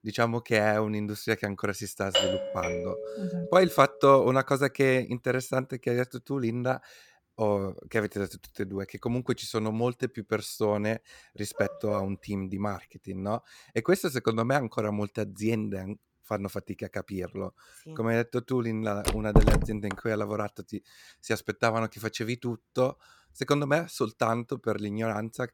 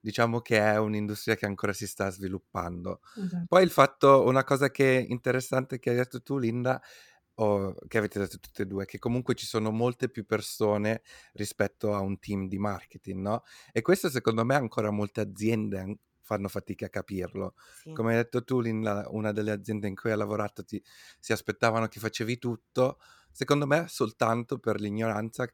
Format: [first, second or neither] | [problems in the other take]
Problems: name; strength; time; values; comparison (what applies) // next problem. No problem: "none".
second | doorbell; loud; from 2 to 3.5 s; peak 3 dB above the speech // dog barking; noticeable; at 12 s; peak 7 dB below the speech // door banging; loud; at 19 s; peak 5 dB above the speech